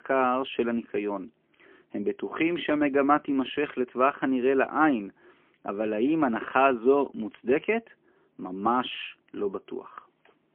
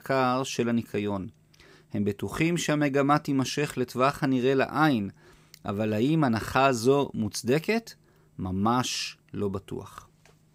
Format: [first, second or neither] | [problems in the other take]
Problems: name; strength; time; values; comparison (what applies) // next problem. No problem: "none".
second | phone-call audio; poor line; nothing above 3 kHz